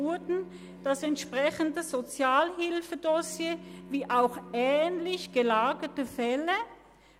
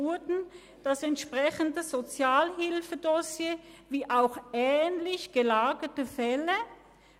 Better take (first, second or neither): second